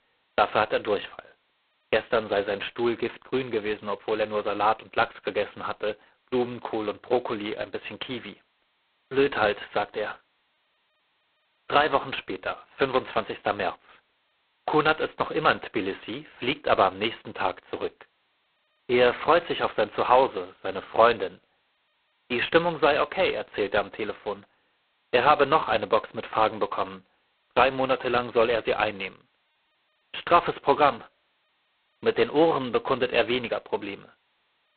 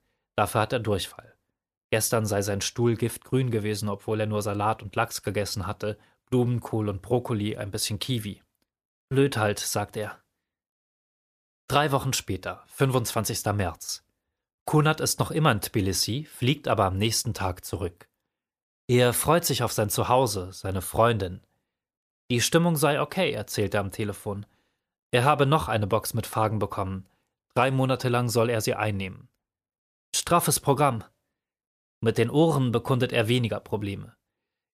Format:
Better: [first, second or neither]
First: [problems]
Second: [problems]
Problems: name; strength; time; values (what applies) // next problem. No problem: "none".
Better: second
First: phone-call audio; poor line; nothing above 4 kHz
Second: none